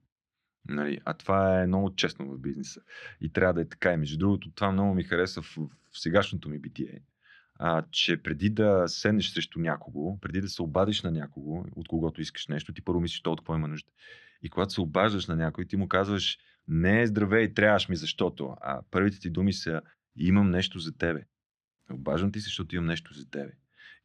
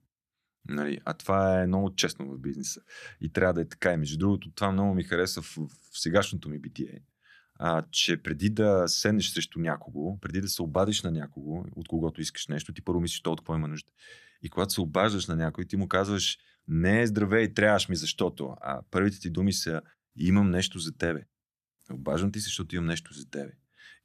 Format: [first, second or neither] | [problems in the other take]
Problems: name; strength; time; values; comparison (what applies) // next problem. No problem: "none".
second | muffled; very slightly; fading above 3 kHz